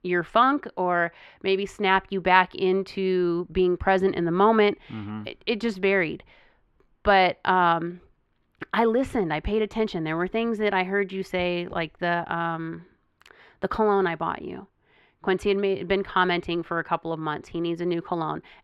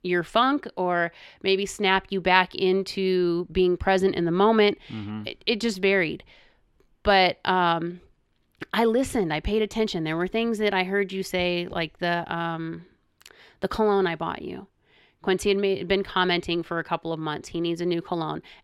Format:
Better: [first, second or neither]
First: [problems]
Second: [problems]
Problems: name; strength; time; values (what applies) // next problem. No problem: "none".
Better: second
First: muffled; slightly; fading above 3.5 kHz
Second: none